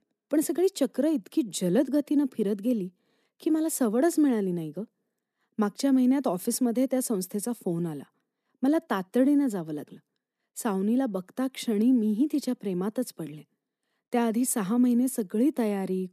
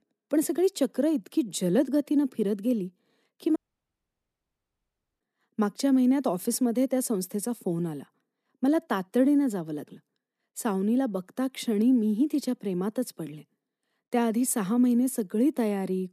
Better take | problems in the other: first | audio cutting out; at 3.5 s for 1.5 s

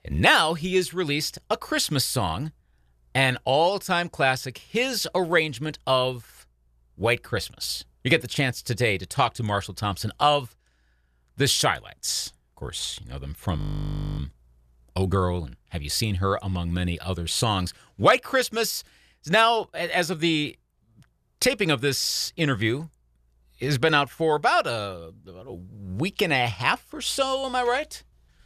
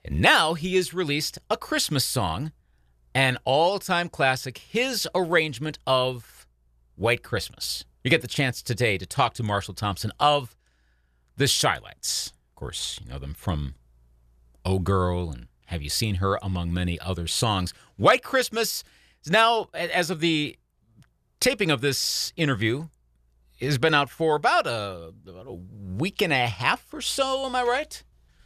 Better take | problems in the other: second | audio freezing; at 14 s for 0.5 s

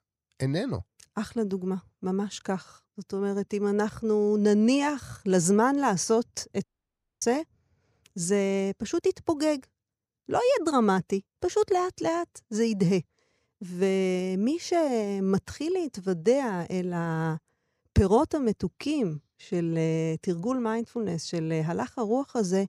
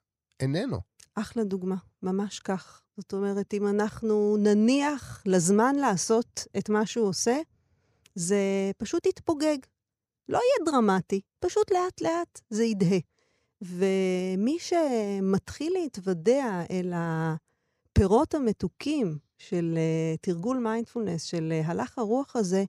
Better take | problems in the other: second | audio cutting out; at 6.5 s for 0.5 s

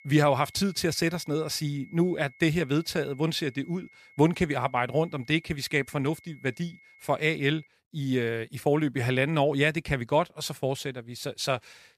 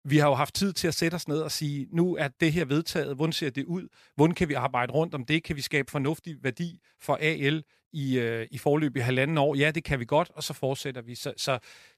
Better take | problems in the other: second | high-pitched whine; faint; until 7.5 s; 2 kHz, 25 dB below the speech

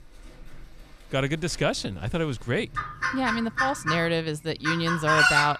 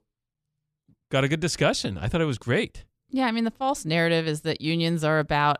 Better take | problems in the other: second | animal sounds; very loud; throughout; 2 dB above the speech

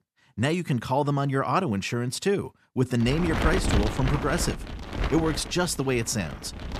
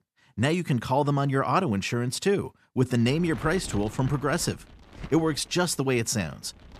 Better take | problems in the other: second | wind noise on the microphone; heavy; from 3 s on; 5 dB below the speech; occasional gusts in the second

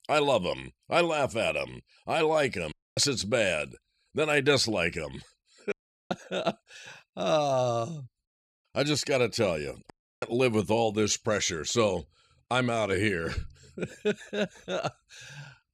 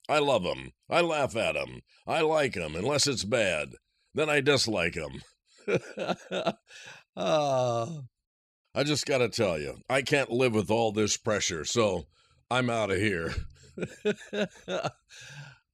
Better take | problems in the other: second | audio cutting out; at 2.5 s, at 5.5 s and at 10 s

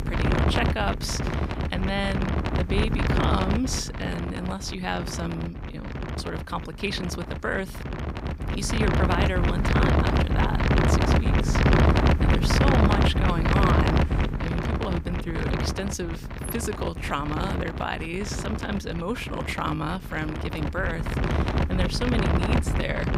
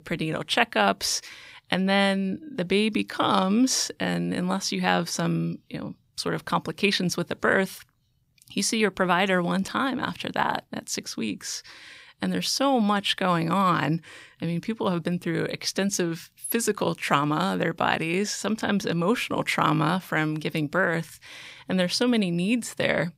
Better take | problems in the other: second | wind noise on the microphone; heavy; 2 dB above the speech

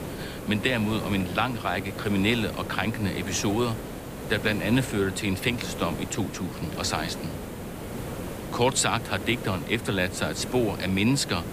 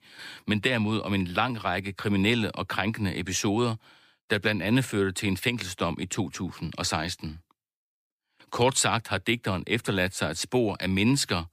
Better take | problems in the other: second | hiss; loud; throughout; 9 dB below the speech

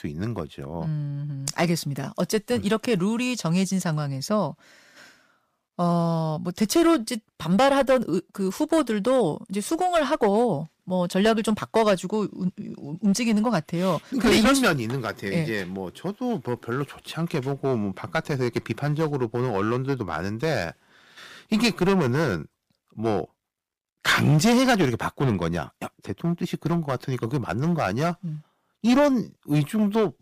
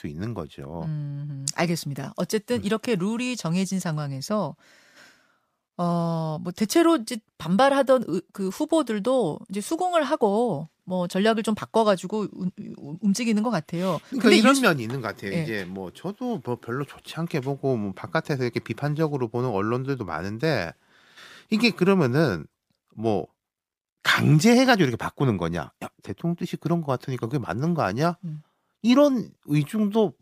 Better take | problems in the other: second | distortion; slight; 5% of the sound clipped

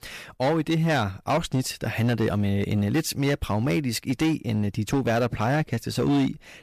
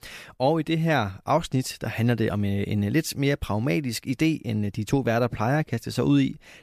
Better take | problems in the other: second | distortion; slight; 11% of the sound clipped

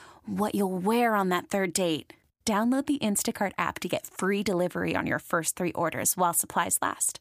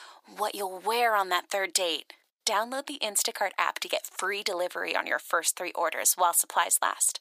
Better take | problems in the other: first | thin; very; fading below 500 Hz

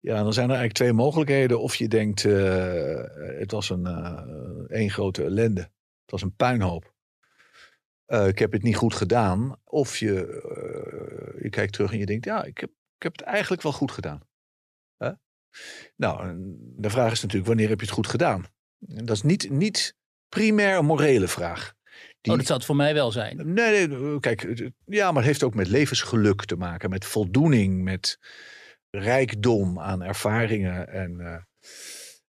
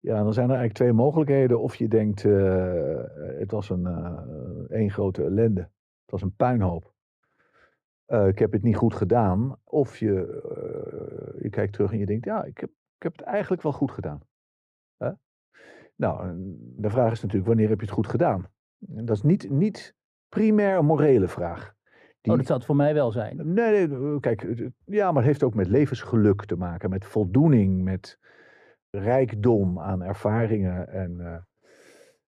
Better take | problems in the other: first | muffled; very; fading above 2 kHz

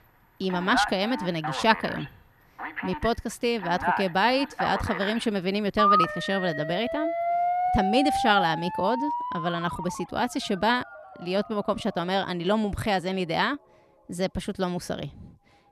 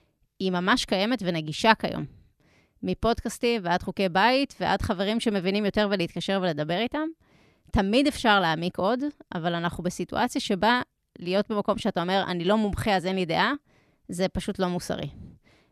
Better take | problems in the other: second | alarms or sirens; loud; throughout; 2 dB below the speech

